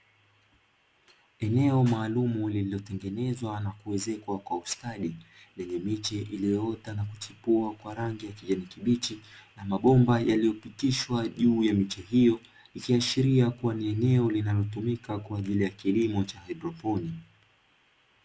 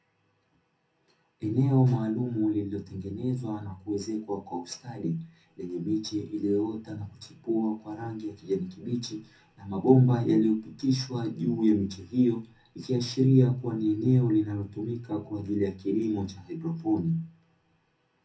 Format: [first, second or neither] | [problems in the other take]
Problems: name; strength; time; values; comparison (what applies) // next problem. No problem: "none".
first | room echo; dies away in 0.3 s